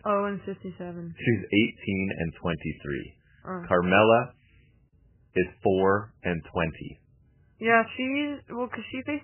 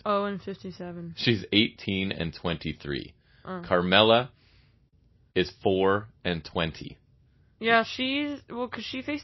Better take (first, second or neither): second